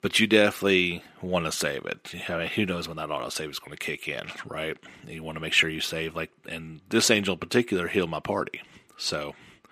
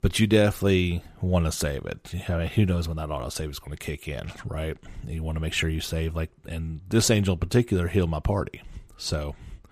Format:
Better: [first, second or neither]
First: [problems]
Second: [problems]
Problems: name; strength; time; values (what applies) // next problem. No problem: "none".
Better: second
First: thin; somewhat; fading below 250 Hz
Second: none